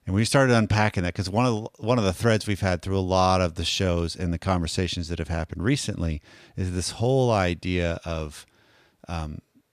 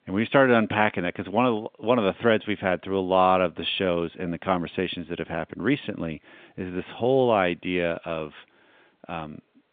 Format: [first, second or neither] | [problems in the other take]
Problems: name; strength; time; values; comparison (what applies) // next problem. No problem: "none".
first | phone-call audio; nothing above 3.5 kHz